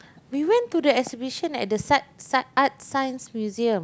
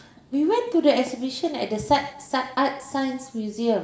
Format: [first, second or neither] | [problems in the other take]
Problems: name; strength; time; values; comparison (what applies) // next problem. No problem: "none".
first | room echo; dies away in 0.7 s